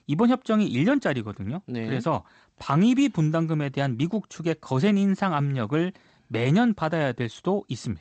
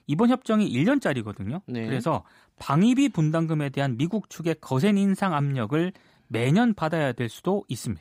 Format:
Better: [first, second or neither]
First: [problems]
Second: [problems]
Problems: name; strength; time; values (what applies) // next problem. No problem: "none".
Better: second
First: garbled, watery; slightly; nothing above 8 kHz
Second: none